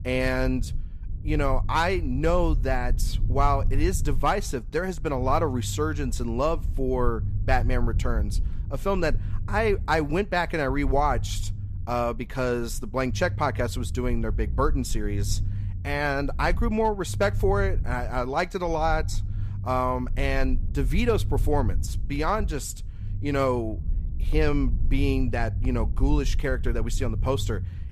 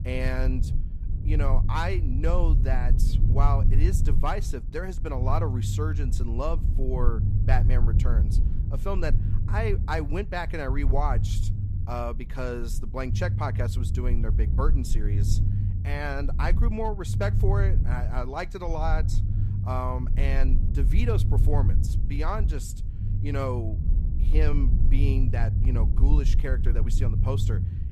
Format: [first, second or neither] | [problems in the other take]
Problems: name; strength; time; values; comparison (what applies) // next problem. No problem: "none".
first | low rumble; loud; throughout; 9 dB below the speech; faint in the first